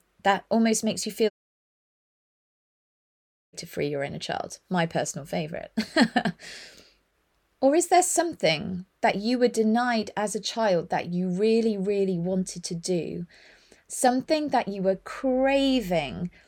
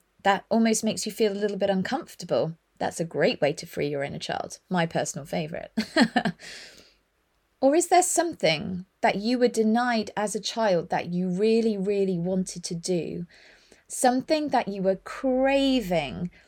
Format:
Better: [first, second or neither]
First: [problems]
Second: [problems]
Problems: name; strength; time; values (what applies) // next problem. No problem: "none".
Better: second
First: audio cutting out; at 1.5 s for 2 s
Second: none